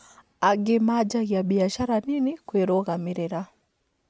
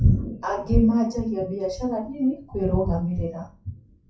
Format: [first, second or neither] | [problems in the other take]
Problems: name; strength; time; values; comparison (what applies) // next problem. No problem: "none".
first | noise reduction (classical method WPE with log-MMSE)